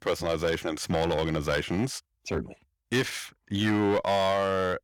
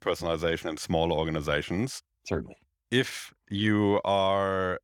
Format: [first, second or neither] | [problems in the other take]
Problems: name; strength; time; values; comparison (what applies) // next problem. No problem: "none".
second | distortion; slight; 8% of the sound clipped